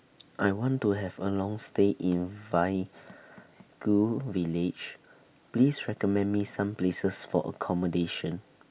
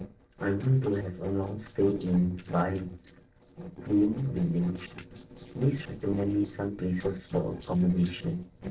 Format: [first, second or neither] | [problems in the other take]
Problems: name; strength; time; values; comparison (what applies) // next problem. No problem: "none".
first | noise reduction (neural separator model SepFormer DNS4)